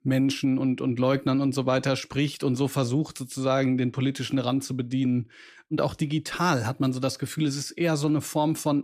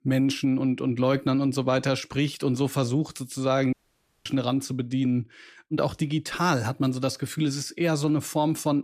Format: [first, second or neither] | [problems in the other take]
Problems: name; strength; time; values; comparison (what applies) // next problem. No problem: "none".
first | audio cutting out; at 3.5 s for 0.5 s